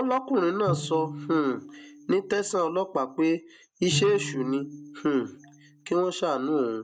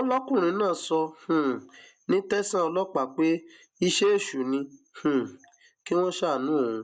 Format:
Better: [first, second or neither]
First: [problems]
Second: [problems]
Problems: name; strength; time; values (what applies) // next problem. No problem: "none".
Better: second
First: background sound (Bowed string instrument); 11 dB below the speech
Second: none